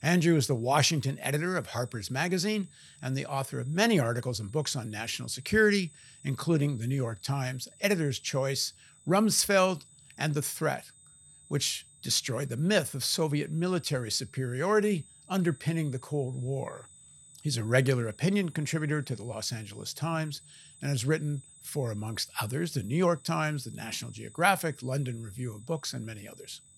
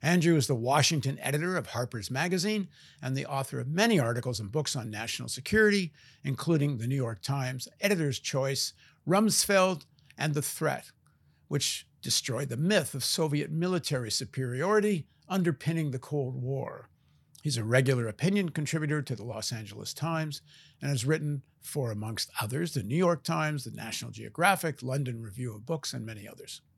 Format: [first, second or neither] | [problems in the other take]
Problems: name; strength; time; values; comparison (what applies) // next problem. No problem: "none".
second | high-pitched whine; faint; throughout; 8 kHz, 25 dB below the speech